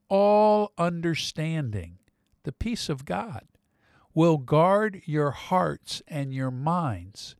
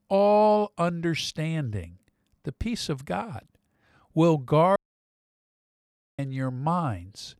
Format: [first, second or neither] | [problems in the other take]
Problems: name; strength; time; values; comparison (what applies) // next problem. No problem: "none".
first | audio cutting out; at 5 s for 1.5 s